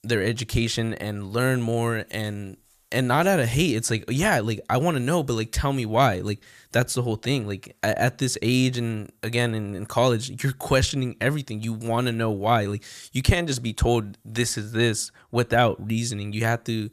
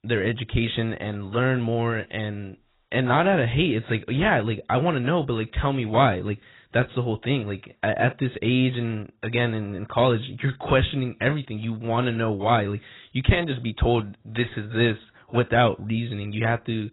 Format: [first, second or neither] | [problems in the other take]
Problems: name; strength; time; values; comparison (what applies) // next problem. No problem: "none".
first | garbled, watery; badly; nothing above 4 kHz